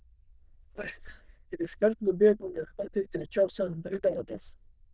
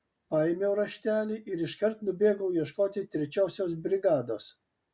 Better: second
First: noise reduction (neural diffusion model UNIVERSE++)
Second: none

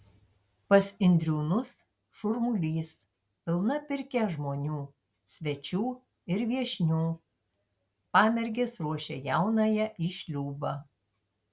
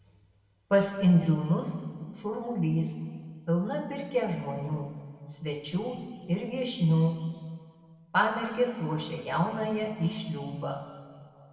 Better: first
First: none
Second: room echo; dies away in 2.1 s

